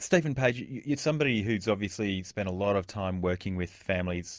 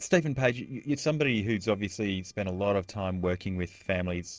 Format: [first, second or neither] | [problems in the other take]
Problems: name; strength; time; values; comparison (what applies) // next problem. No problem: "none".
first | noise reduction (neural separator model SepFormer DNS4)